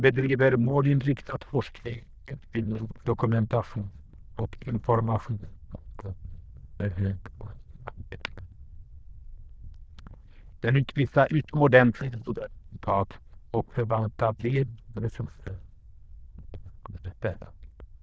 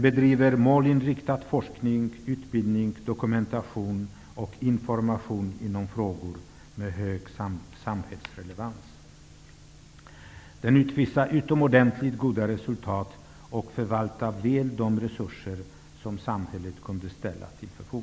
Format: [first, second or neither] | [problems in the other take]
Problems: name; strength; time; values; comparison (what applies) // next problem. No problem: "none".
second | noise reduction (neural diffusion model UNIVERSE++)